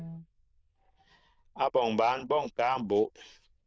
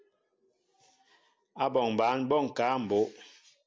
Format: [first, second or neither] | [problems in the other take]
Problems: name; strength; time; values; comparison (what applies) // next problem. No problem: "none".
second | noise reduction (neural diffusion model UNIVERSE++)